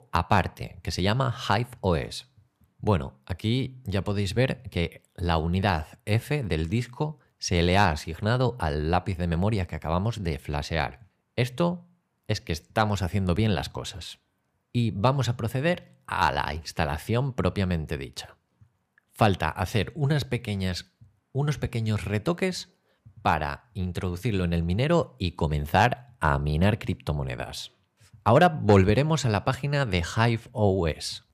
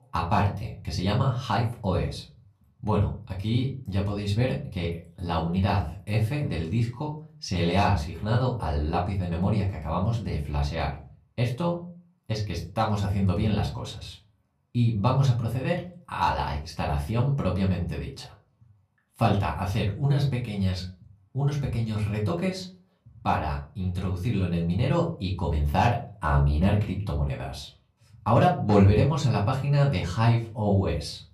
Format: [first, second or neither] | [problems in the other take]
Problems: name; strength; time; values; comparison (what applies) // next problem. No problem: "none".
first | off-mic speech; far // room echo; slight; dies away in 0.4 s